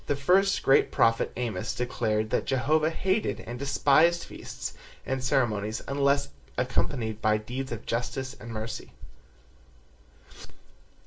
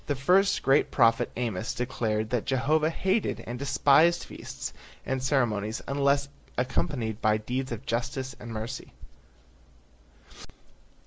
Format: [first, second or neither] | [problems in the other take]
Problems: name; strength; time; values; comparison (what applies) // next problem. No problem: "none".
second | room echo; dies away in 0.2 s